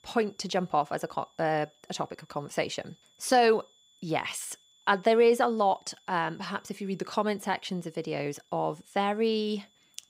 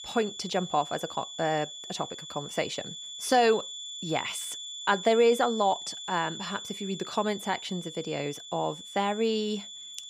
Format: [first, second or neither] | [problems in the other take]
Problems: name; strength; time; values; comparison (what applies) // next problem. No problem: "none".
first | high-pitched whine; loud; throughout; 3.5 kHz, 9 dB below the speech; faint in the first